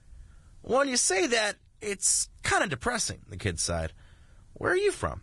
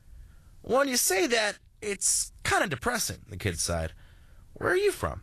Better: second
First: garbled, watery; badly; nothing above 10 kHz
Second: garbled, watery; slightly; nothing above 12.5 kHz

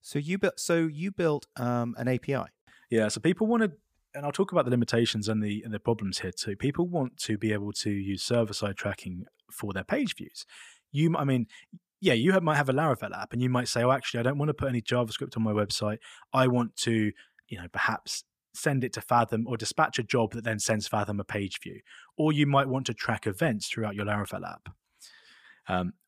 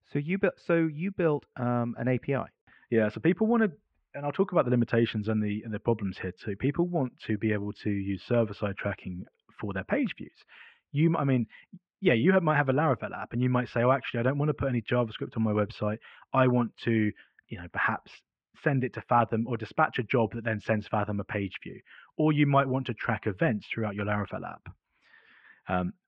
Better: first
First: none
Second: muffled; very; fading above 2.5 kHz

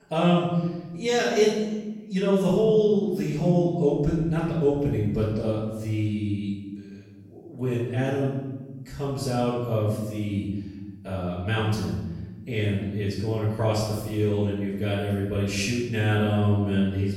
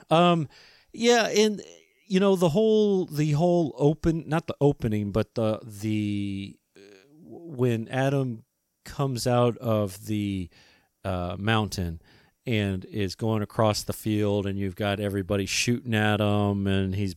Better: second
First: off-mic speech; far // room echo; noticeable; dies away in 1.2 s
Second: none

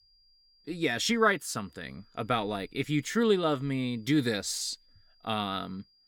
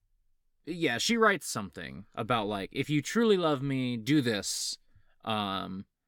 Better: second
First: high-pitched whine; faint; throughout; 5 kHz, 35 dB below the speech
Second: none

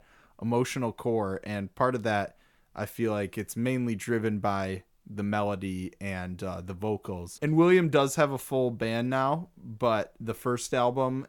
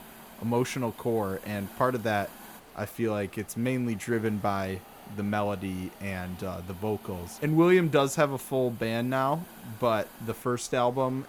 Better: first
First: none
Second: hiss; noticeable; throughout; 20 dB below the speech

